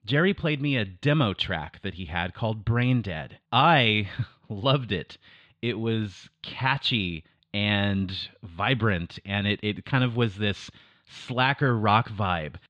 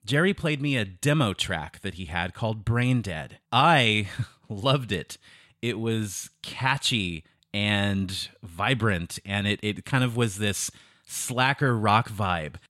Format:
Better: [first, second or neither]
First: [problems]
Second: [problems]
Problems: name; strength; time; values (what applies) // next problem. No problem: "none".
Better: second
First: muffled; slightly; fading above 4 kHz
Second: none